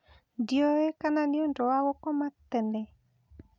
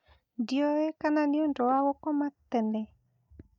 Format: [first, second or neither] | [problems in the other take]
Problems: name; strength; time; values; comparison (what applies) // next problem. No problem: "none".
first | noise reduction (neural mask model DeepFilterNet 3)